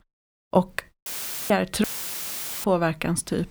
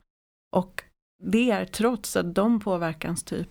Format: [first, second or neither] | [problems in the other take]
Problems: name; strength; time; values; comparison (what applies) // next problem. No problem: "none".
second | audio cutting out; filled with static; at 1 s and at 2 s for 1 s